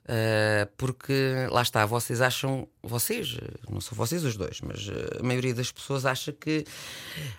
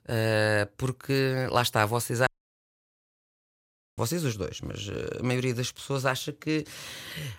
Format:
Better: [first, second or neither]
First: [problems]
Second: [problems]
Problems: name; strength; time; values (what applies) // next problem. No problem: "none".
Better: first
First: none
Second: audio cutting out; at 2.5 s for 1.5 s